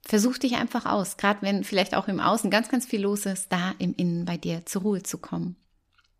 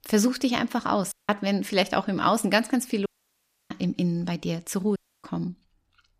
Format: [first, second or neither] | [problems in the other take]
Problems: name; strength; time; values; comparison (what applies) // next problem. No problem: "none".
first | audio cutting out; at 1 s, at 3 s for 0.5 s and at 5 s